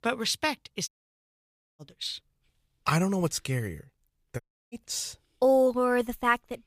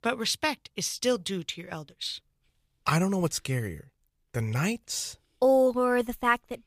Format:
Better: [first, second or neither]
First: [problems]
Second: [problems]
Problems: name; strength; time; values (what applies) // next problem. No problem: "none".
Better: second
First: audio cutting out; at 1 s for 1 s and at 4.5 s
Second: none